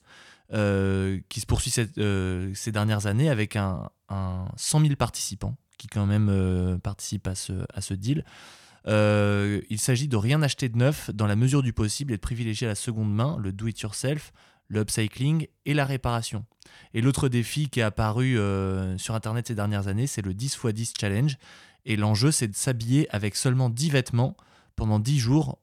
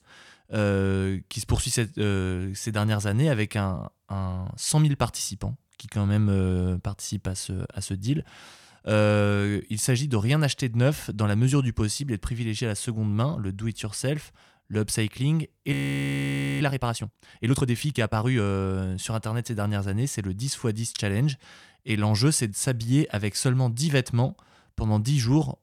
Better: first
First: none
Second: audio freezing; at 16 s for 1 s

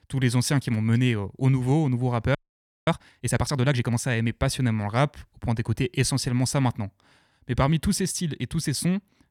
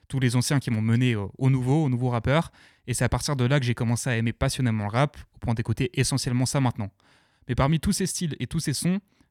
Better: second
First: audio freezing; at 2.5 s for 0.5 s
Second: none

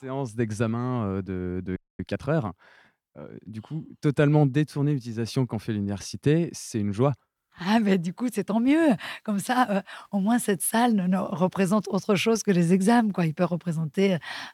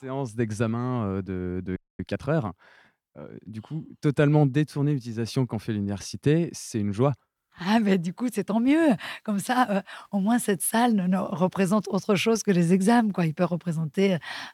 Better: neither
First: audio freezing; at 2 s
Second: audio freezing; at 2 s

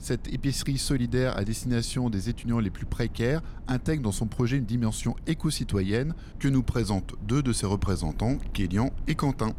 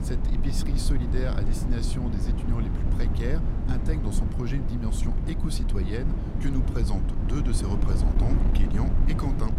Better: first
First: wind noise on the microphone; occasional gusts; 20 dB below the speech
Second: wind noise on the microphone; heavy; 2 dB below the speech

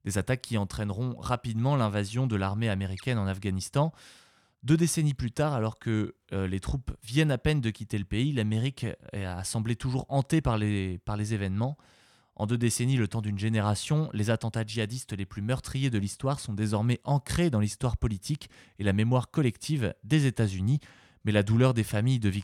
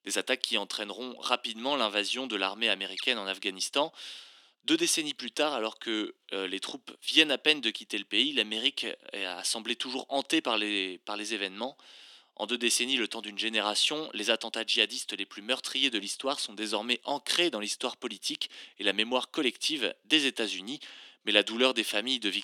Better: first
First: none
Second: thin; somewhat; fading below 250 Hz

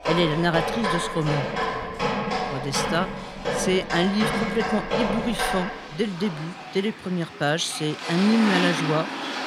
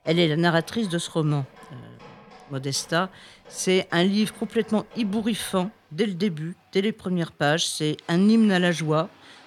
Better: second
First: rain or running water; loud; throughout; 2 dB below the speech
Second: rain or running water; faint; throughout; 25 dB below the speech

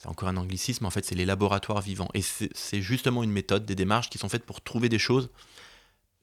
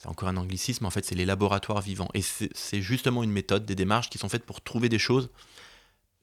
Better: neither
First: none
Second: none

